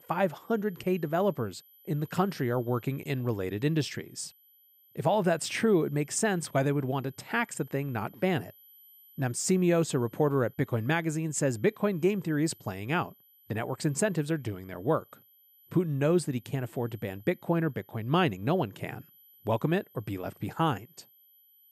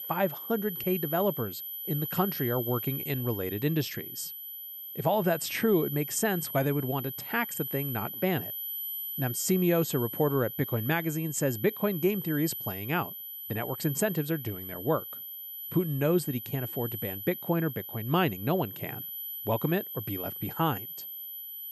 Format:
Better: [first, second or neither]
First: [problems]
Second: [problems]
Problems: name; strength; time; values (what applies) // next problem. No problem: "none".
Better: first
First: high-pitched whine; faint; throughout; 12 kHz, 25 dB below the speech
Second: high-pitched whine; loud; throughout; 12 kHz, 6 dB below the speech